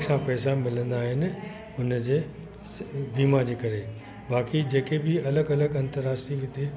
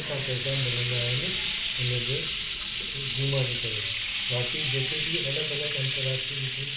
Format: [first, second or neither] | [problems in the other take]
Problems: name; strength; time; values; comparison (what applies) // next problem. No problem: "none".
first | background sound (Frying (food)); 3 dB above the speech // room echo; dies away in 0.3 s